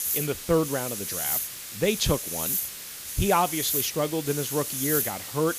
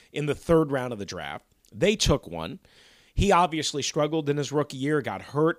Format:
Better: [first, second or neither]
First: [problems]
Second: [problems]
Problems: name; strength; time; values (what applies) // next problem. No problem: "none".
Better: second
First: hiss; loud; throughout; 1 dB below the speech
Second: none